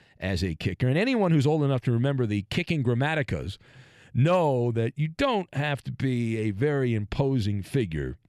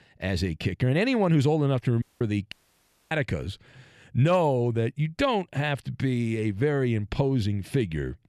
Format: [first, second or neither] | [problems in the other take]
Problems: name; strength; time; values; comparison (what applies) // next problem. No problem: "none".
first | audio cutting out; at 2 s and at 2.5 s for 0.5 s